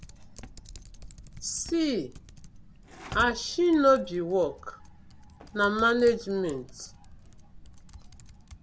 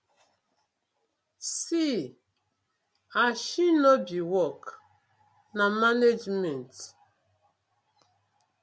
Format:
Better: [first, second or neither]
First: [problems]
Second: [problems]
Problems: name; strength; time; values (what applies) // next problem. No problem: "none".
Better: second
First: background sound (Typing); 17 dB below the speech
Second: none